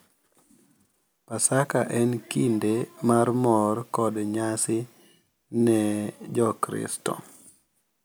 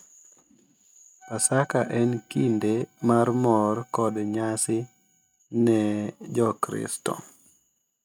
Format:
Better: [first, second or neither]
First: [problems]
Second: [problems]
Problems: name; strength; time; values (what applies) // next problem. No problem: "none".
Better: first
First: none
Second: noise reduction (neural mask model RNNoise)